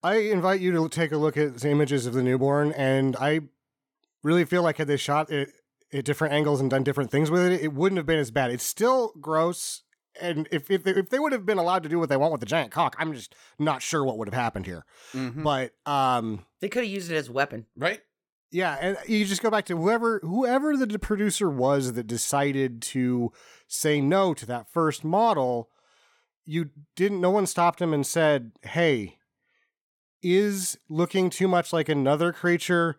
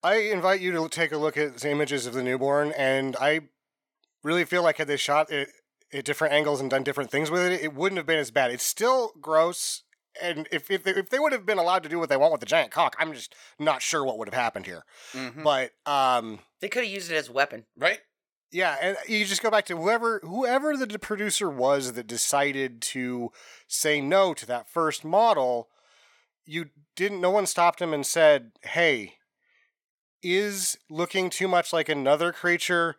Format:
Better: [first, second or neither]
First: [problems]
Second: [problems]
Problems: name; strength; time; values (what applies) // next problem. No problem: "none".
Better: first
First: none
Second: thin; somewhat; fading below 550 Hz